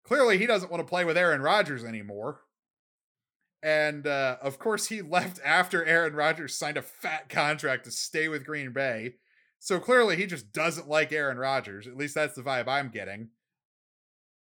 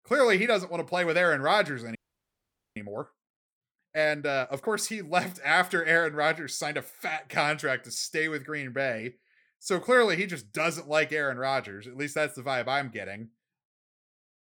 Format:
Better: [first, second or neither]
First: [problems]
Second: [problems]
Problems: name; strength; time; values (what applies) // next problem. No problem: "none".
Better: first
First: none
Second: audio freezing; at 2 s for 1 s